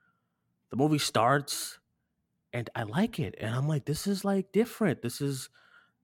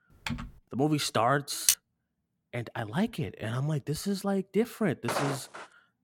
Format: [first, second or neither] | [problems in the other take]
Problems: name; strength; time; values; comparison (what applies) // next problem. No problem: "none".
first | keyboard typing; noticeable; at 0.5 s; peak 6 dB below the speech // clattering dishes; loud; at 1.5 s; peak 5 dB above the speech // footsteps; noticeable; at 5 s; peak 2 dB below the speech